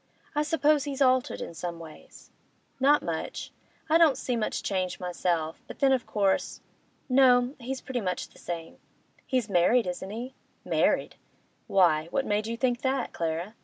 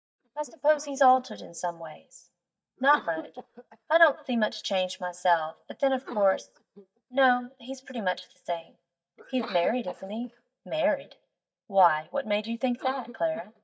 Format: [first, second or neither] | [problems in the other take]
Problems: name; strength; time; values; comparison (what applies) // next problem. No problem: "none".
first | noise reduction (neural mask model DeepFilterNet 3)